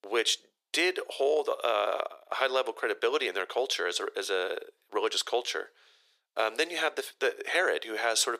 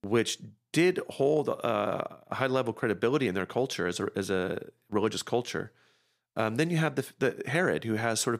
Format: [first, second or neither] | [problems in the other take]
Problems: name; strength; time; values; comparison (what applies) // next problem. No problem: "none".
second | thin; very; fading below 400 Hz